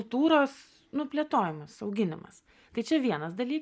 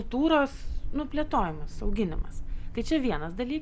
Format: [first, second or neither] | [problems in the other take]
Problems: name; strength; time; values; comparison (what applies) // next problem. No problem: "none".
first | background sound (Wind); 3 dB below the speech